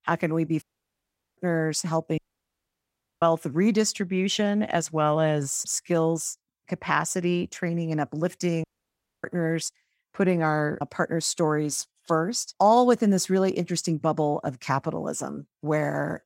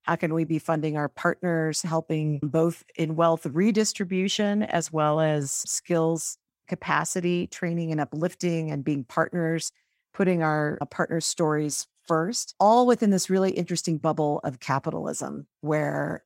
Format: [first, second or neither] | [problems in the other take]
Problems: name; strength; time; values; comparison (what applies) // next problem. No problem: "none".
second | audio cutting out; at 0.5 s for 1 s, at 2 s for 1 s and at 8.5 s for 0.5 s